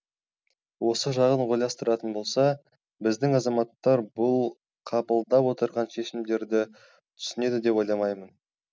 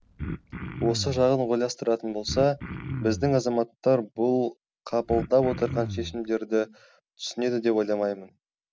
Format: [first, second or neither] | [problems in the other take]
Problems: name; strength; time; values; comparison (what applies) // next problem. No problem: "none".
first | background sound (Cough); 9 dB below the speech